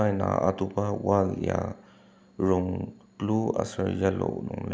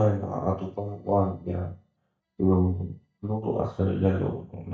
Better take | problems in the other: first | noise reduction (neural mask model DeepFilterNet 3)

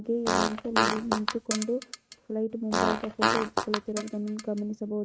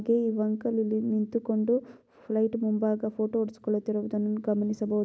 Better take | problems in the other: second | noise reduction (neural mask model RNNoise)

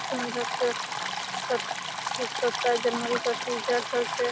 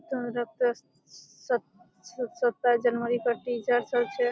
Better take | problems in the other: second | background sound (Stream); 2 dB below the speech

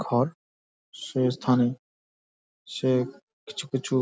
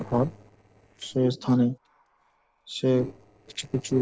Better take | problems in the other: first | noise reduction (neural separator model SepFormer DNS4)

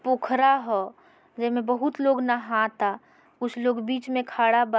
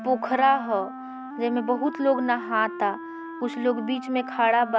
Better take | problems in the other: first | background sound (Wind instrument, woodwind instrument); 11 dB below the speech

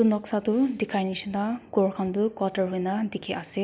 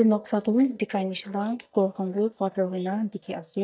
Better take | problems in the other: first | noise reduction (neural mask model DeepFilterNet 3)

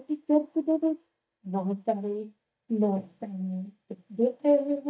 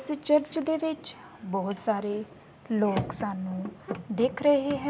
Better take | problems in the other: second | noise reduction (neural mask model DeepFilterNet 3)

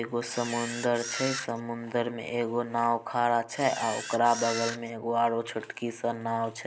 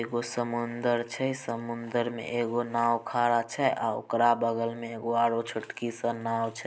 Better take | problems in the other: second | background sound (Camera); 8 dB below the speech

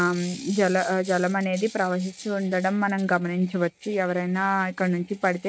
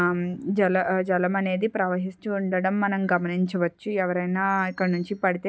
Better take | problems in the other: second | noise reduction (neural mask model RNNoise)

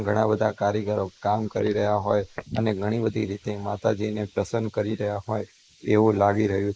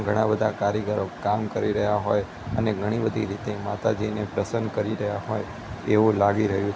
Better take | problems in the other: second | noise reduction (neural mask model Resemble Enhance denoiser)

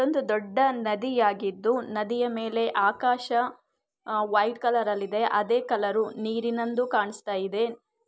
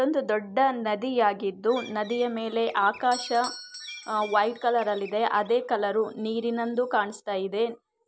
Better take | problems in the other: first | background sound (Bird + Doorbell); 19 dB below the speech

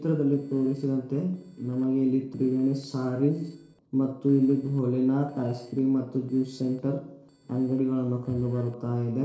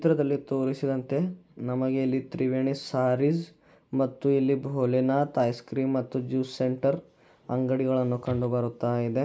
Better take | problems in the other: second | noise reduction (neural separator model SepFormer DNS4)

